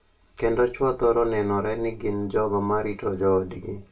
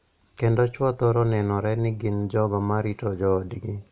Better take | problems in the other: second | room echo; dies away in 0.2 s

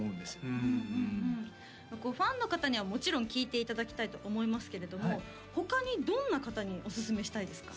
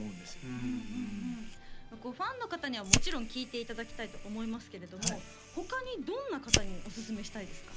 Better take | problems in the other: first | background sound (Fire); 2 dB above the speech

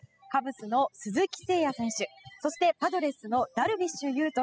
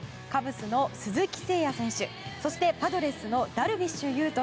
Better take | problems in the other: second | noise reduction (classical method spectral subtraction)

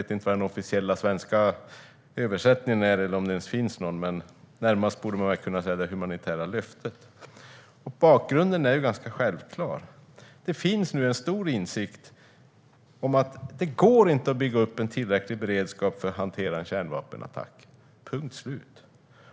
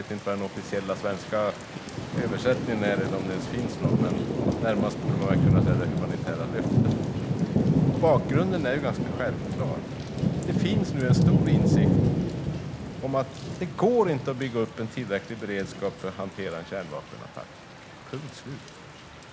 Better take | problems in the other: first | background sound (Thunder / Rain); 3 dB above the speech

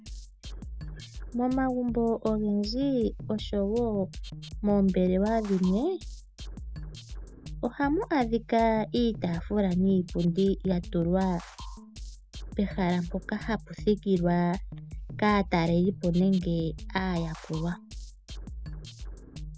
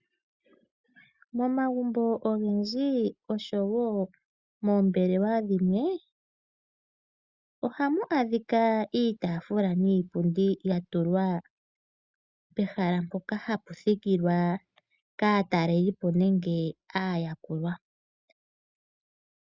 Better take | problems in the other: second | background sound (Drum kit); 11 dB below the speech

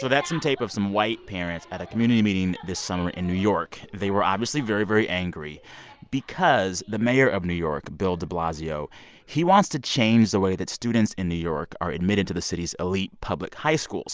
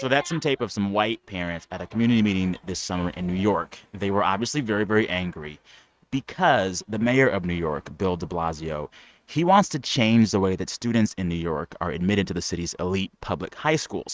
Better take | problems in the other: first | noise reduction (neural mask model RNNoise)

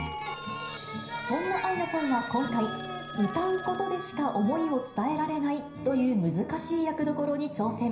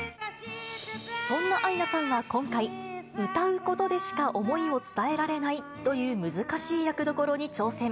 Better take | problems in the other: second | background sound (Telephone); 13 dB below the speech // room echo; dies away in 0.5 s

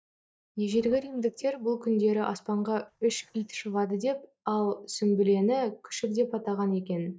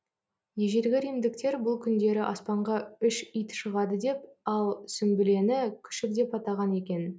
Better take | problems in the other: second | noise reduction (neural mask model DeepFilterNet 3)

